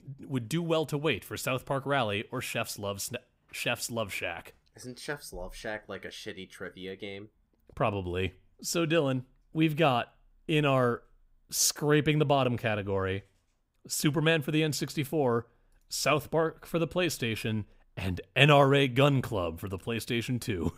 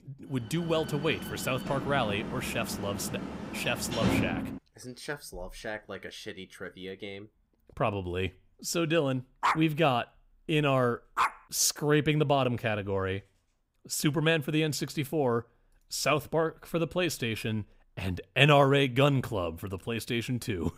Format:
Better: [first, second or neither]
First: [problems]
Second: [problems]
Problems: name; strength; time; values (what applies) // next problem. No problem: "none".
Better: first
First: none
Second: door banging; loud; from 0.5 to 4.5 s; peak 1 dB above the speech // dog barking; noticeable; from 9.5 to 11 s; peak level with the speech